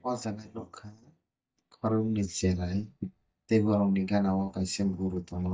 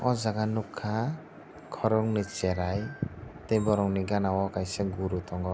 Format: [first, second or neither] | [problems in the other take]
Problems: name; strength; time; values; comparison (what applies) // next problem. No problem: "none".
second | noise reduction (neural mask model DeepFilterNet 3)